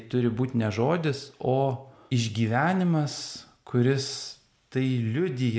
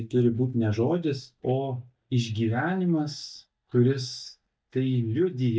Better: first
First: none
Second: noise reduction (neural mask model DeepFilterNet 3)

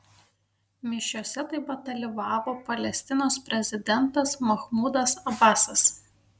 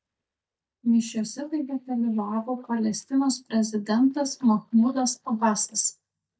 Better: first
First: none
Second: noise reduction (neural mask model DeepFilterNet 3)

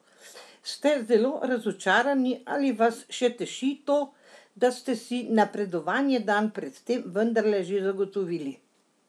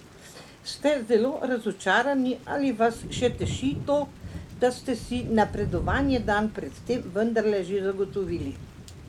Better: first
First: none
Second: background sound (Thunder / Rain); 11 dB below the speech

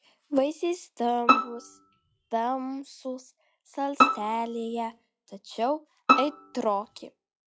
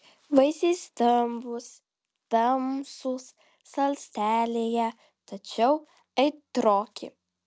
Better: second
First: noise reduction (classical method log-MMSE)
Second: none

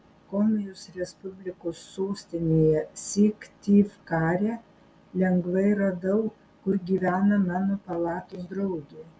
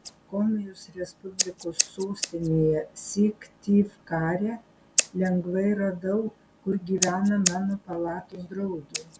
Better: first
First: none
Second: background sound (Scissors); 7 dB below the speech

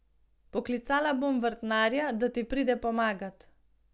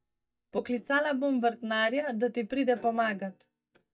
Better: first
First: none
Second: noise reduction (neural mask model DeepFilterNet 3)

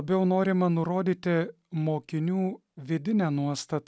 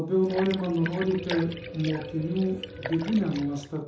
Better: first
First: none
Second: background sound (Liquid); 11 dB below the speech // room echo; dies away in 0.5 s

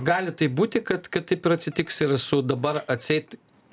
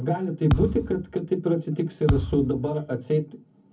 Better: first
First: none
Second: background sound (Thump, thud); 5 dB below the speech // room echo; dies away in 0.3 s

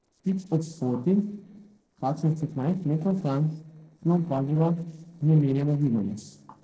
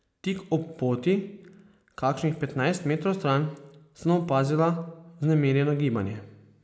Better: second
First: noise reduction (neural separator model SepFormer DNS4)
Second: none

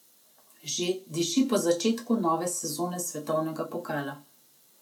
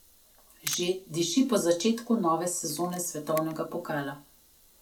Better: first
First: none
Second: background sound (Camera); 18 dB below the speech

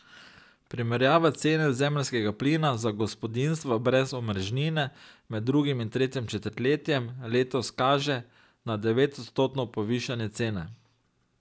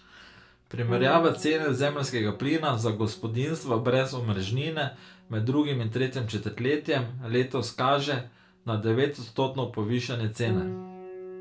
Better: first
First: none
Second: background sound (Piano); 14 dB below the speech // room echo; dies away in 0.3 s

